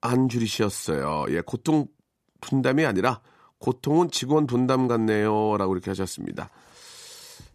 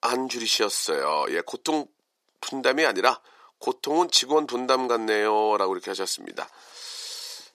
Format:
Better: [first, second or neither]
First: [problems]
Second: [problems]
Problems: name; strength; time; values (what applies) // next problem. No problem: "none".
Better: first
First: none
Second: thin; very; fading below 450 Hz